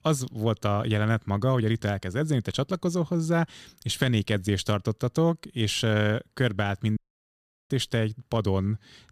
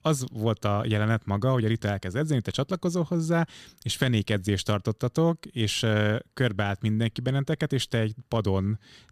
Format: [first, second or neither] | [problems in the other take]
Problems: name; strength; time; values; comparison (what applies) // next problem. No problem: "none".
second | audio cutting out; at 7 s for 0.5 s